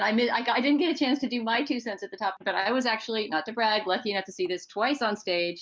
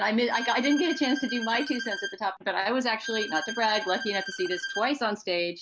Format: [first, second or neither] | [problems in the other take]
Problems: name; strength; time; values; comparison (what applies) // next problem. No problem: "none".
first | background sound (Bowed string instrument); 9 dB below the speech